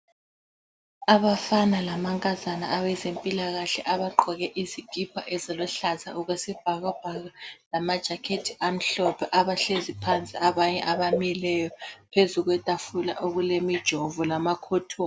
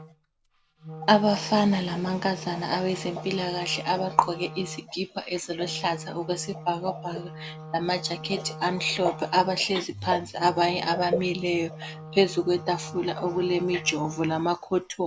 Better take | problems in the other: first | background sound (Wind instrument, woodwind instrument); 14 dB below the speech

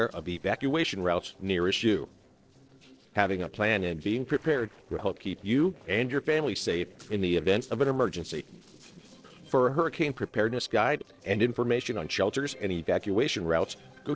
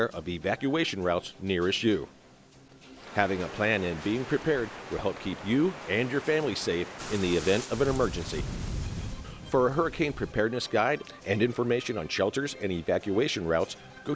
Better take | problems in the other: second | noise reduction (neural separator model SepFormer DNS4)

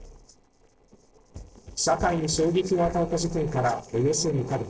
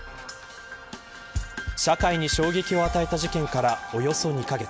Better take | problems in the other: second | noise reduction (neural separator model SepFormer DNS4)

